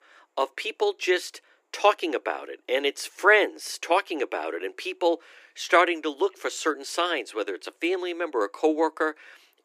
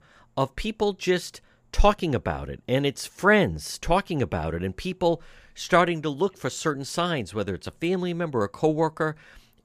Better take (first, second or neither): second